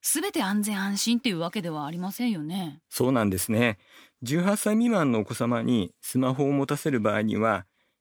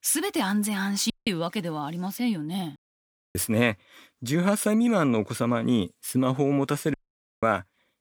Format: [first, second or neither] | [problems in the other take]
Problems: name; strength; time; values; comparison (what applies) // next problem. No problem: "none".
first | audio cutting out; at 1 s, at 3 s for 0.5 s and at 7 s